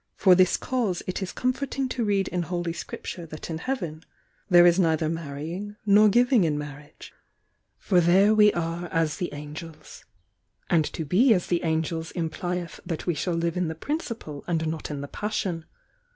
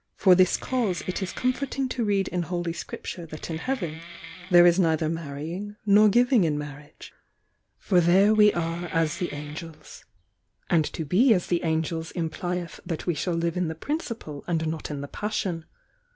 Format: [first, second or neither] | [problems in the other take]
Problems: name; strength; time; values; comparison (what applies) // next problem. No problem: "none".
first | background sound (Wood); 18 dB below the speech